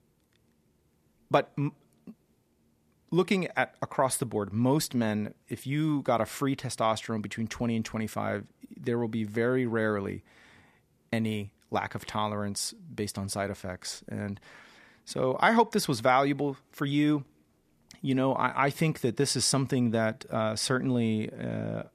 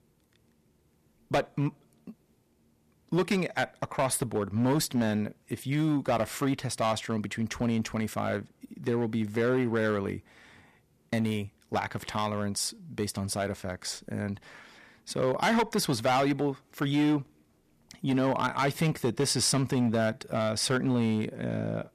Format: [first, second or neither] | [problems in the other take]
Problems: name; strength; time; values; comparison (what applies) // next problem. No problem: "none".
first | distortion; slight; 5% of the sound clipped